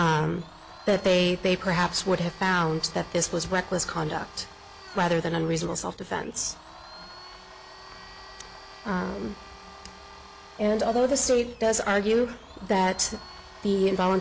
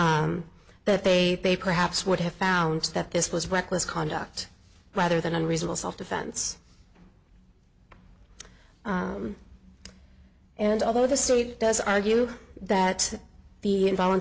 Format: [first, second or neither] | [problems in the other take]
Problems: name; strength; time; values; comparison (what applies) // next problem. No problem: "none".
second | background sound (Domestic sounds, home sounds); 19 dB below the speech